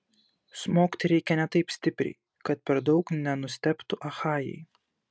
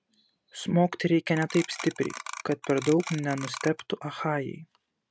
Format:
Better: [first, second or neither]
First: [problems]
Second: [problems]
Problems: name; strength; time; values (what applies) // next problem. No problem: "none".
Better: first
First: none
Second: background sound (Clock); 12 dB below the speech